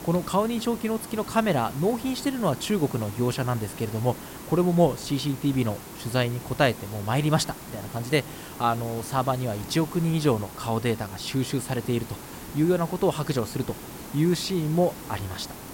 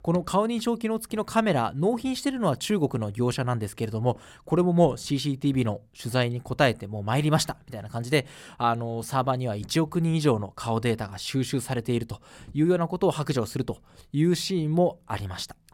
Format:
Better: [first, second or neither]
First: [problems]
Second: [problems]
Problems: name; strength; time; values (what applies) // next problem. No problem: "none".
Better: second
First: hiss; noticeable; throughout; 15 dB below the speech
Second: none